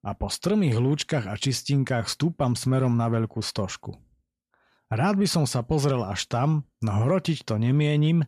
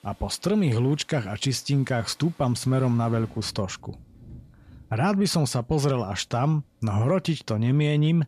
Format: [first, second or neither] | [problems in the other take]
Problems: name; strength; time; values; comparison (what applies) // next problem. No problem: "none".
first | rain or running water; faint; throughout; 25 dB below the speech